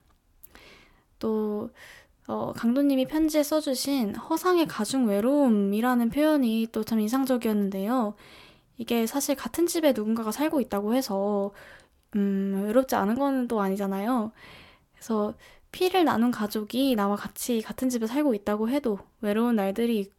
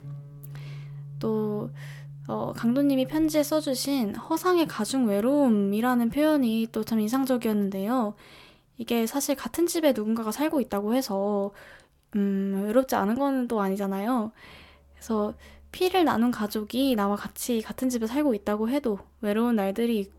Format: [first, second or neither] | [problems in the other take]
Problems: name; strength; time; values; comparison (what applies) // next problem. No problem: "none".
first | background music; noticeable; throughout; 20 dB below the speech